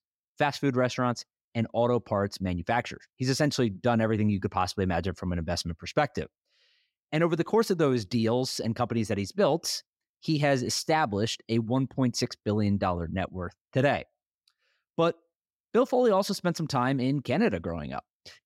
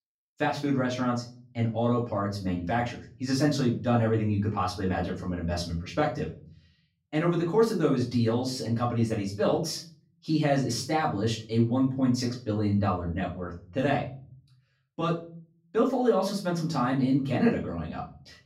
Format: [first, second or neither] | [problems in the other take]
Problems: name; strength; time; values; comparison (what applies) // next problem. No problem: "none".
first | room echo; slight; dies away in 0.4 s // off-mic speech; far